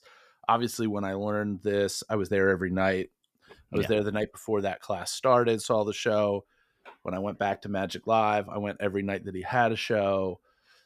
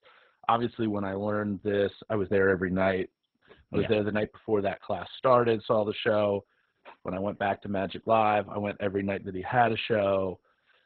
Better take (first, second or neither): first